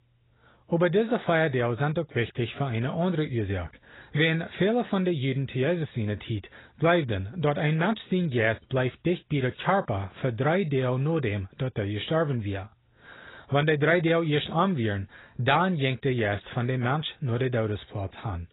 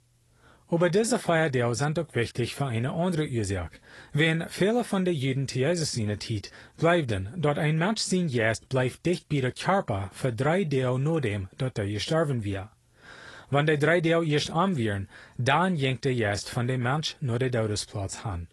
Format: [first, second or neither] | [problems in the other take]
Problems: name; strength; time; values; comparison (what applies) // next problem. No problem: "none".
second | garbled, watery; badly; nothing above 4 kHz; slightly in the second